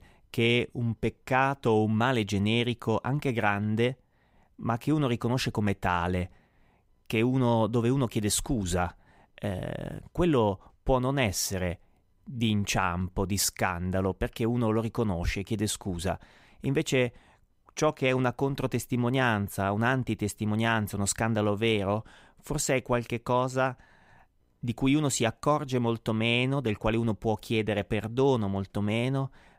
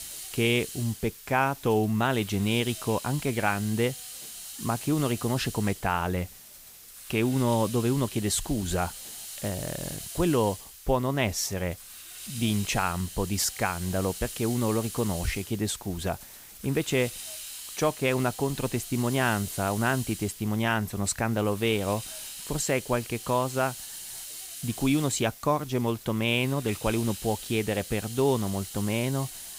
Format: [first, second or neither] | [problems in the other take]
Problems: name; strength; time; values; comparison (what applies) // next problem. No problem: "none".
first | hiss; noticeable; throughout; 10 dB below the speech